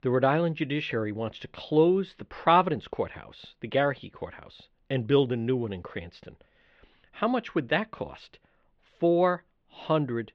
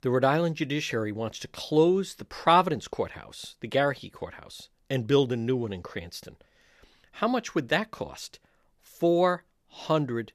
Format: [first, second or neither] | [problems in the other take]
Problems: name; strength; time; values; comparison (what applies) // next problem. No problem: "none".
second | muffled; slightly; fading above 3 kHz